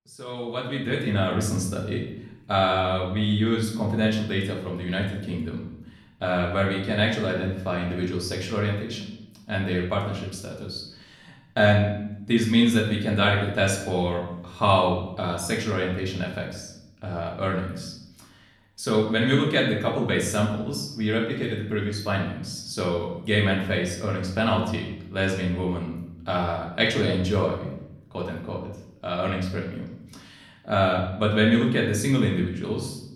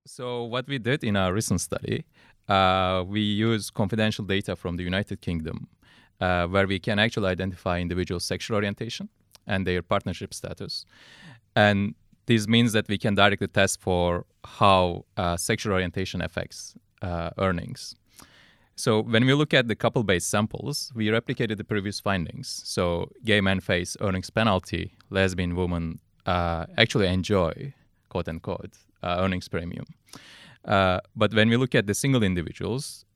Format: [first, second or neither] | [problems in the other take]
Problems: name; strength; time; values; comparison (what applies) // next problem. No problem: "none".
second | room echo; noticeable; dies away in 0.7 s // off-mic speech; far